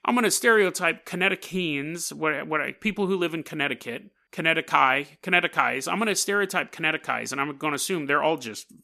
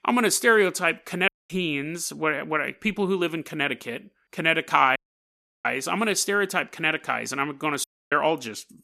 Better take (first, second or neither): first